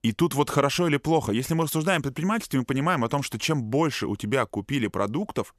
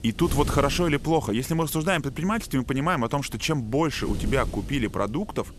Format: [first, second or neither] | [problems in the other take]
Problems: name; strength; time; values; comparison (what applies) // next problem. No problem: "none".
first | wind noise on the microphone; occasional gusts; 20 dB below the speech